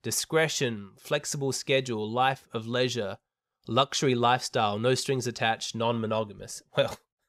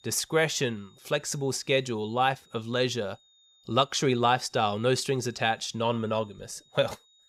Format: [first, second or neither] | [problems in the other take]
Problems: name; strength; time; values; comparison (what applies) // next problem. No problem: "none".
first | high-pitched whine; faint; throughout; 3.5 kHz, 30 dB below the speech